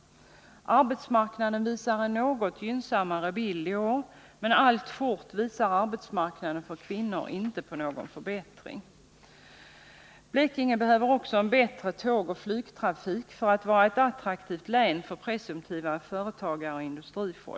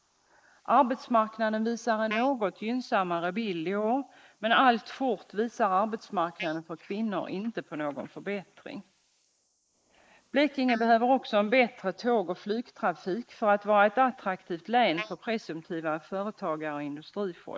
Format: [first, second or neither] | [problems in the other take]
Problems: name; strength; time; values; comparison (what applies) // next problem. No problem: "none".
first | noise reduction (neural mask model Resemble Enhance denoiser)